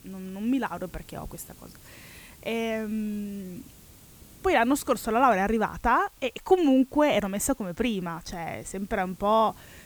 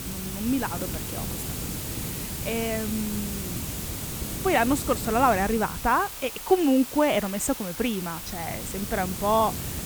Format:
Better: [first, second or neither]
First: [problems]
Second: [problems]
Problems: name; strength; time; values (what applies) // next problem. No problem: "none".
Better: first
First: hiss; faint; throughout; 25 dB below the speech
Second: hiss; loud; throughout; 6 dB below the speech